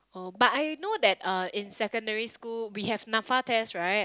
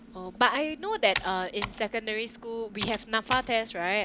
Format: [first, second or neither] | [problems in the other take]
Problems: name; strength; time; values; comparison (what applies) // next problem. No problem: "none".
first | background sound (Computer keyboard); 12 dB below the speech